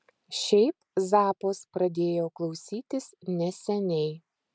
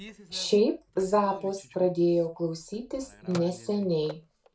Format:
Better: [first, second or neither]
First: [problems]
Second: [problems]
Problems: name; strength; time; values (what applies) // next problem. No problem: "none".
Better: first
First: none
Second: background sound (Telephone); 19 dB below the speech // room echo; dies away in 0.3 s